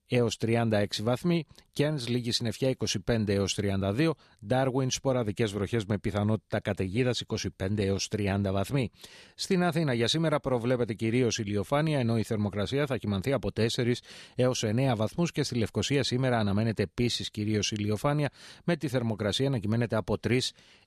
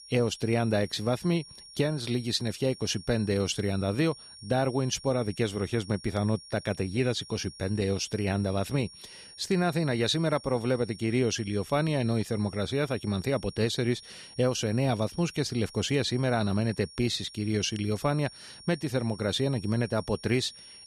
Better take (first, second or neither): first